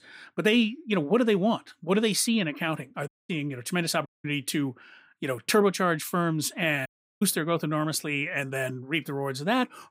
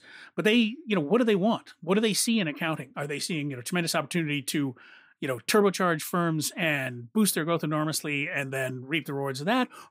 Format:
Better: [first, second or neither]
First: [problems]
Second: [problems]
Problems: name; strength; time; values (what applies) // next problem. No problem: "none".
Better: second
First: audio cutting out; at 3 s, at 4 s and at 7 s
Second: none